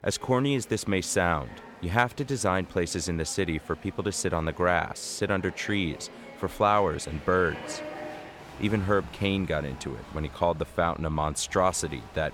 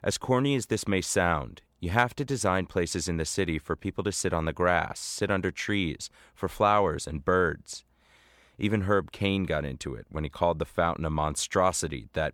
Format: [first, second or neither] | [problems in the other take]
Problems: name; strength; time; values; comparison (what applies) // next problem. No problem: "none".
second | crowd noise; noticeable; throughout; 15 dB below the speech